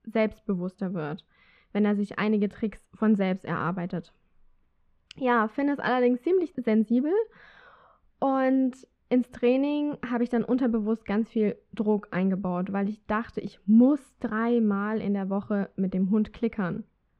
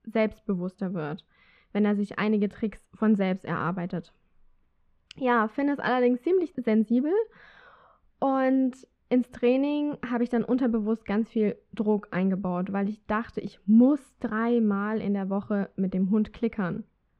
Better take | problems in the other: neither | muffled; very; fading above 2 kHz; the same in both

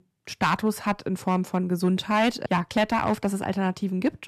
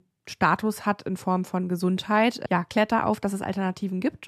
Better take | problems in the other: second | distortion; slight; 3% of the sound clipped

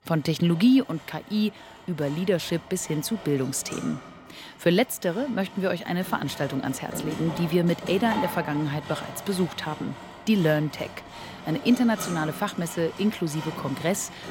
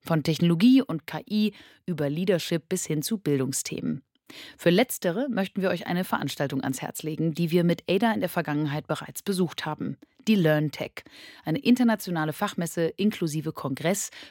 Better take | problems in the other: second | machinery noise; noticeable; throughout; 10 dB below the speech

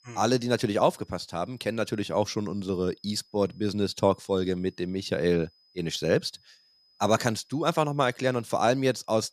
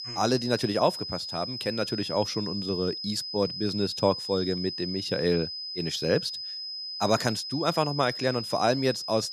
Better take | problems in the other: first | high-pitched whine; loud; throughout; 5 kHz, 5 dB below the speech; faint in the first

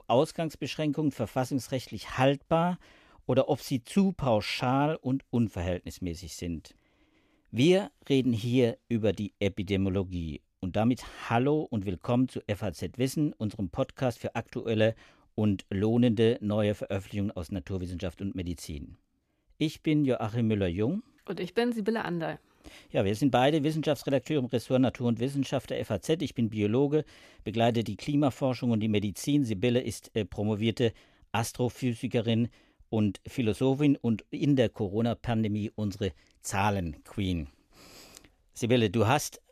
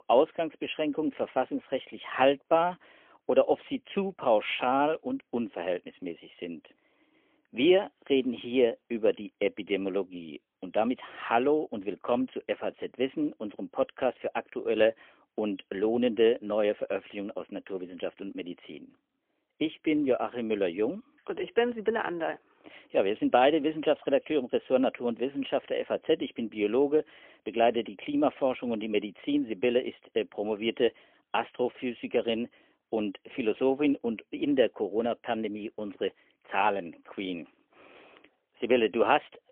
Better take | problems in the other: first | phone-call audio; poor line; nothing above 3.5 kHz

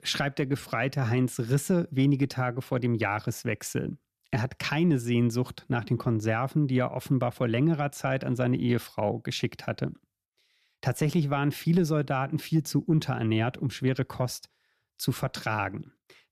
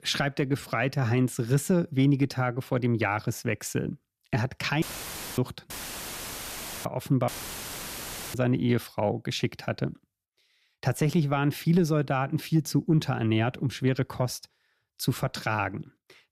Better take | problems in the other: first | audio cutting out; filled with static; at 5 s for 0.5 s, at 5.5 s for 1 s and at 7.5 s for 1 s

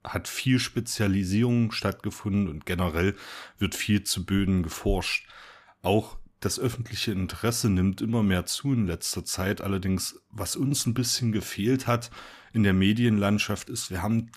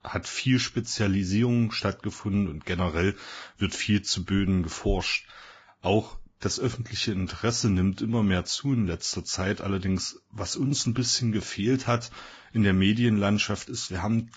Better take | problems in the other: first | garbled, watery; badly; nothing above 7.5 kHz

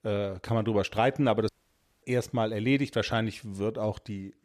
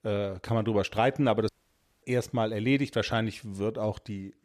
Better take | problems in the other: neither | audio cutting out; at 1.5 s for 0.5 s; the same in both

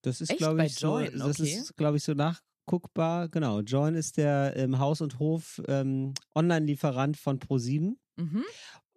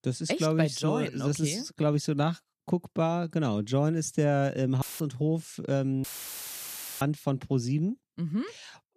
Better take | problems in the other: first | audio cutting out; filled with static; at 5 s and at 6 s for 1 s

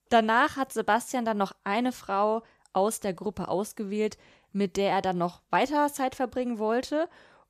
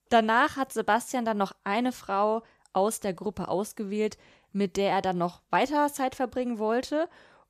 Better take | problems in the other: neither | none

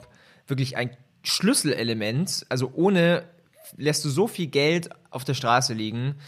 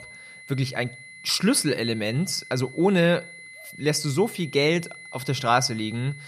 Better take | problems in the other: first | high-pitched whine; noticeable; throughout; 2 kHz, 15 dB below the speech

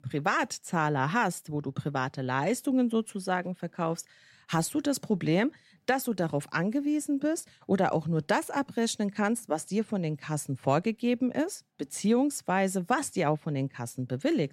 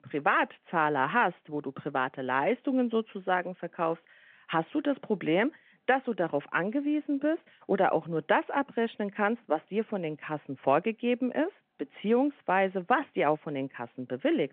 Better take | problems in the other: first | phone-call audio

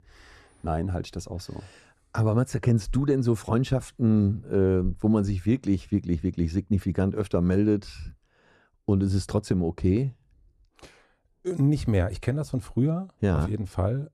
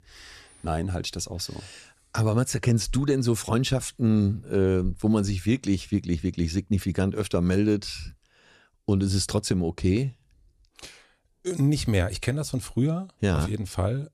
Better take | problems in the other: second | muffled; slightly; fading above 2 kHz

